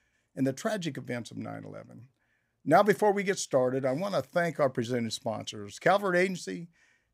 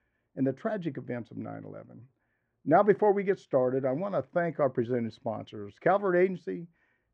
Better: first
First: none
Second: muffled; very; fading above 1.5 kHz

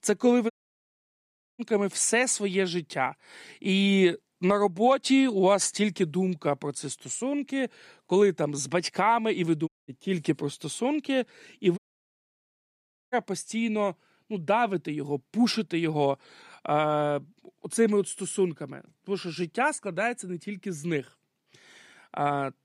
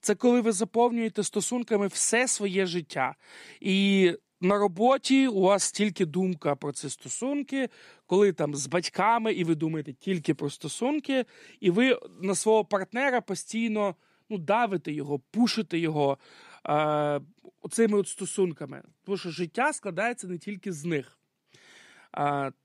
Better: second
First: audio cutting out; at 0.5 s for 1 s, at 9.5 s and at 12 s for 1.5 s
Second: none

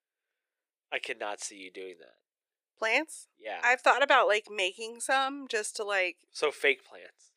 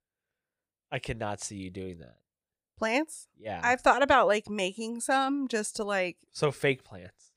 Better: second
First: thin; somewhat; fading below 350 Hz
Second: none

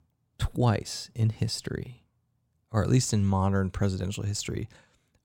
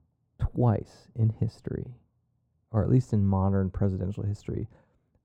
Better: first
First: none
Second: muffled; very; fading above 1.5 kHz

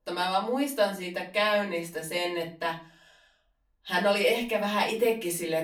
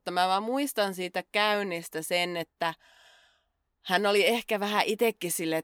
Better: second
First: off-mic speech; far // room echo; very slight; dies away in 0.3 s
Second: none

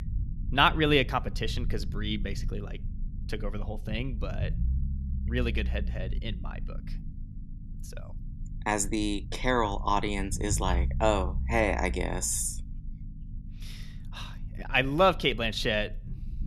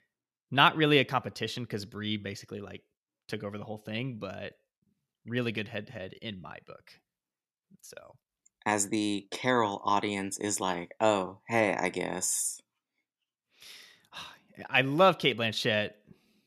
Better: second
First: low rumble; faint; throughout; 25 dB below the speech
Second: none

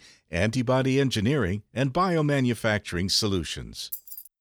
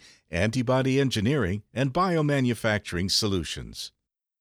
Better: second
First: jangling keys; faint; at 4 s; peak 10 dB below the speech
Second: none

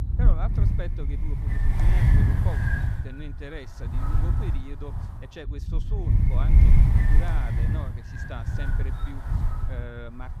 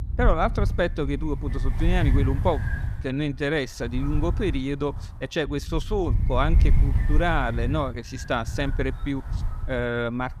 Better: second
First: wind noise on the microphone; heavy; 5 dB above the speech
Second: wind noise on the microphone; occasional gusts; 15 dB below the speech

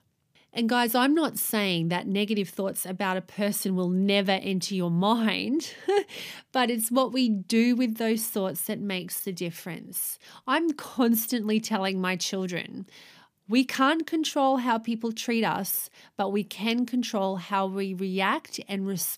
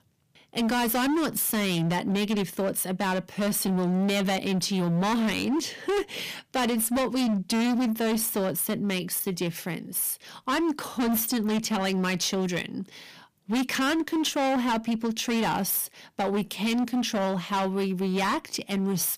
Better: first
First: none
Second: distortion; heavy; 24% of the sound clipped

